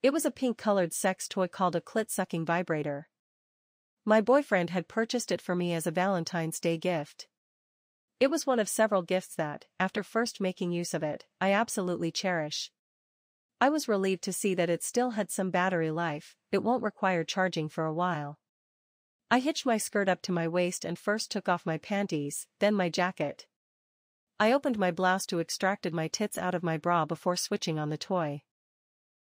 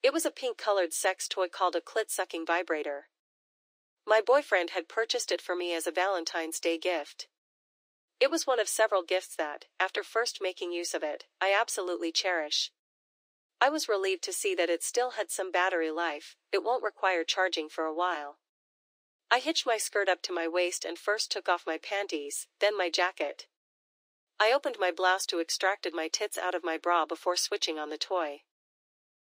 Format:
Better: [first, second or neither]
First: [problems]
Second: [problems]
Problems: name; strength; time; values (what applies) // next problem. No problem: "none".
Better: first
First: none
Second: thin; very; fading below 300 Hz